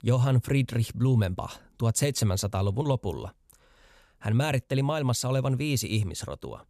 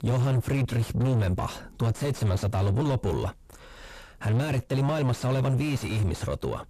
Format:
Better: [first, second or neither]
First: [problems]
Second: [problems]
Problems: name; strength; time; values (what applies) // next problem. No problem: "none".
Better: first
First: none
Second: distortion; heavy; 4 dB below the speech